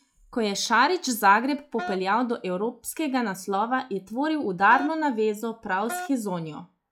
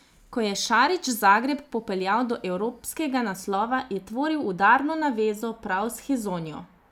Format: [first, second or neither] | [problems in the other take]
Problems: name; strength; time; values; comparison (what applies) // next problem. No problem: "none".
second | noise reduction (classical method log-MMSE)